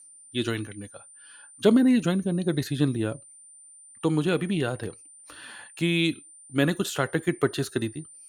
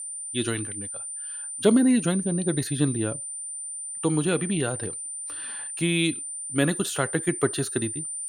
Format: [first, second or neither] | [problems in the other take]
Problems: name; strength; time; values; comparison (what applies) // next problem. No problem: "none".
first | high-pitched whine; loud; throughout; 9 kHz, 6 dB below the speech; faint in the first